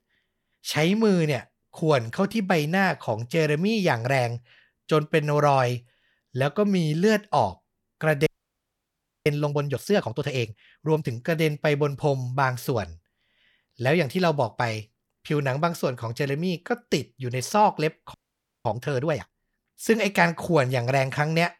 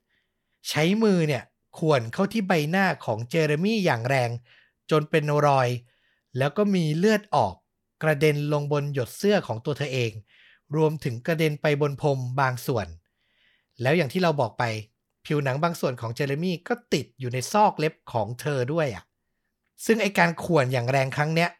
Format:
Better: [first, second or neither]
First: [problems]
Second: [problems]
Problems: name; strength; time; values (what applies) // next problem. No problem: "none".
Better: second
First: audio freezing; at 8.5 s for 1 s and at 18 s for 0.5 s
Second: none